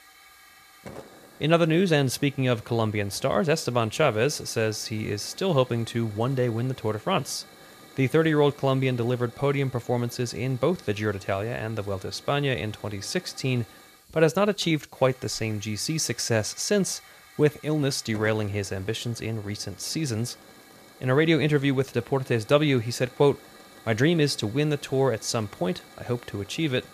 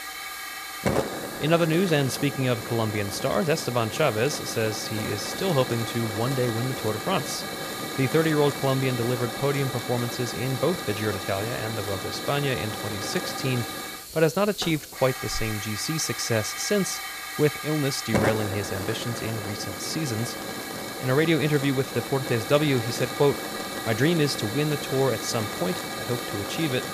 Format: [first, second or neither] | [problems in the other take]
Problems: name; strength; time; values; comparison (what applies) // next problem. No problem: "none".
first | hiss; loud; throughout; 5 dB below the speech; faint in the first